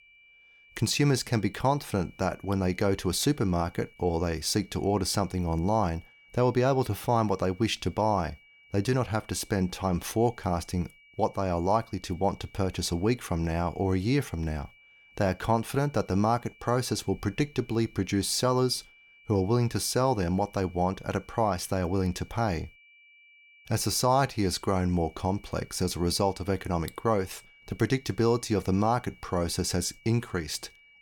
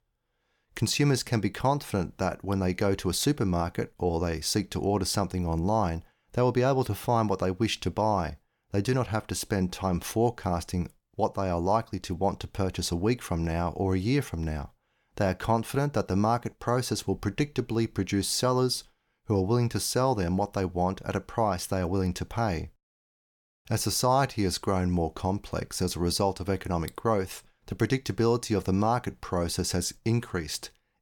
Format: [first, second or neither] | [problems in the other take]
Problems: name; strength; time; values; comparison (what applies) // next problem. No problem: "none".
second | high-pitched whine; faint; throughout; 2.5 kHz, 25 dB below the speech